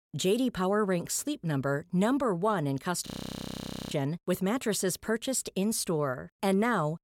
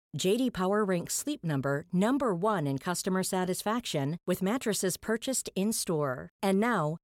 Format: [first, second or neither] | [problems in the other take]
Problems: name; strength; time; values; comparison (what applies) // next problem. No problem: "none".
second | audio freezing; at 3 s for 1 s